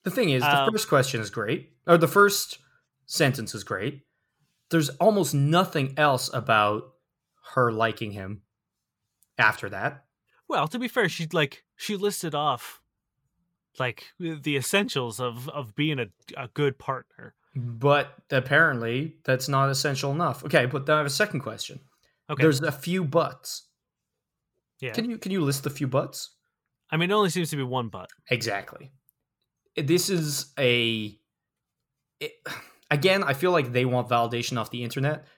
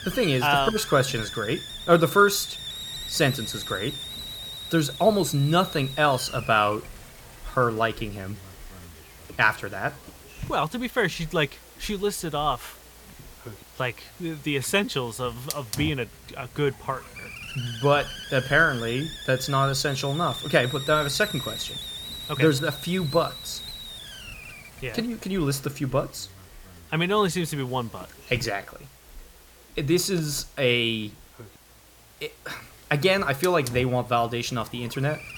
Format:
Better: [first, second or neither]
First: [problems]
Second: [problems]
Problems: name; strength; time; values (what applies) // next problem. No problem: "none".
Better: first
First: none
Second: hiss; noticeable; throughout; 10 dB below the speech